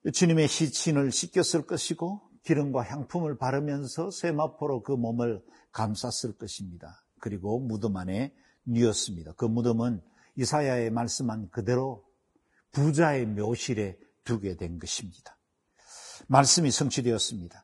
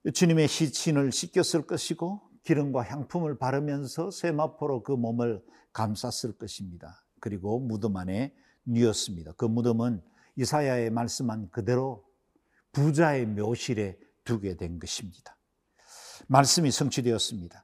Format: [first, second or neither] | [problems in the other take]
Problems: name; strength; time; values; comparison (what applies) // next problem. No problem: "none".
second | garbled, watery; badly